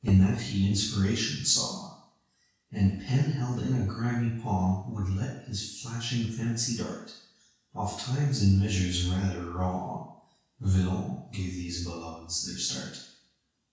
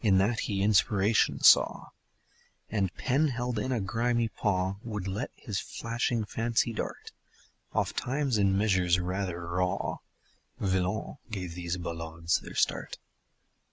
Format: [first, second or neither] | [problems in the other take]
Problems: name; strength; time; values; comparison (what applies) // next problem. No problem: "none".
second | background sound (Bowed string instrument); 13 dB below the speech // room echo; dies away in 0.6 s